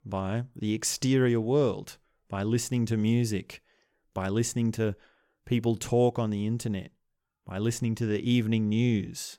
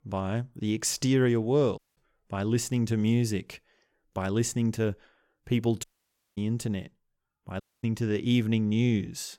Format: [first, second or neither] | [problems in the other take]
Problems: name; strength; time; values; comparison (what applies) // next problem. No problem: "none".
first | audio cutting out; at 2 s, at 6 s for 0.5 s and at 7.5 s